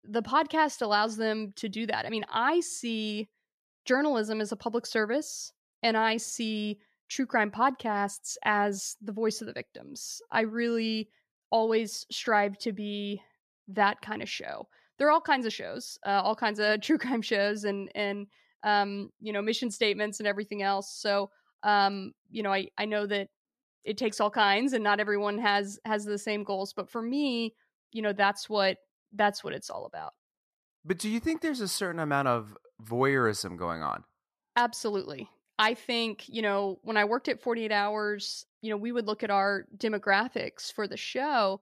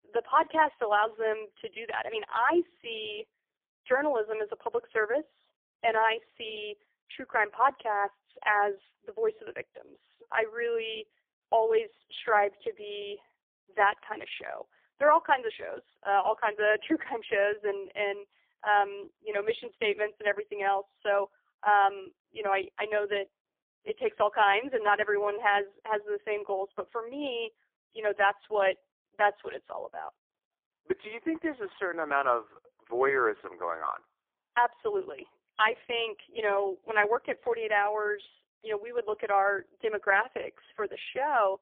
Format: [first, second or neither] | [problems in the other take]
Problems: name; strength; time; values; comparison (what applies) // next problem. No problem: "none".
first | phone-call audio; poor line; nothing above 3.5 kHz